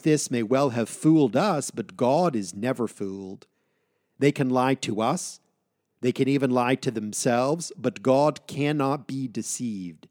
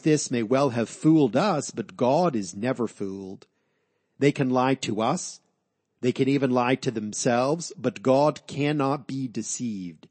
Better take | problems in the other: first | garbled, watery; slightly; nothing above 8 kHz

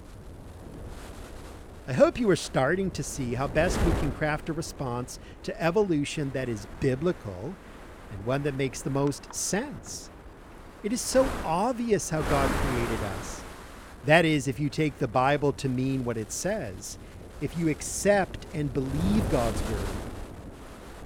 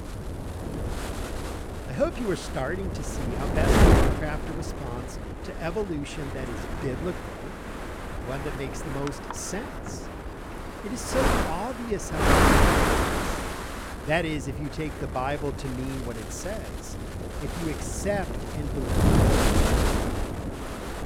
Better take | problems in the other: first | wind noise on the microphone; heavy; 4 dB above the speech; occasional gusts in the first

